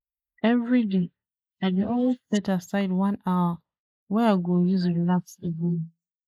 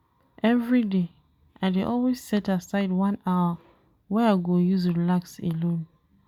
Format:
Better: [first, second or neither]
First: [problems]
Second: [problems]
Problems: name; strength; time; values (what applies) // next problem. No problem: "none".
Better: second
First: noise reduction (neural mask model Resemble Enhance denoiser)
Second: none